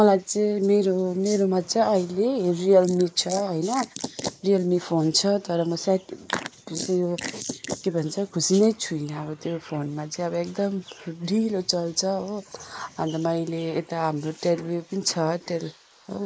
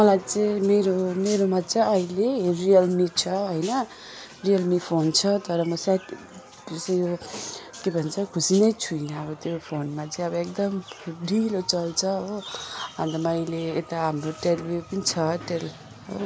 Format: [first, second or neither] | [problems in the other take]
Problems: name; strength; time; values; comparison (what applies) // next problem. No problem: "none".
second | noise reduction (neural mask model Resemble Enhance denoiser)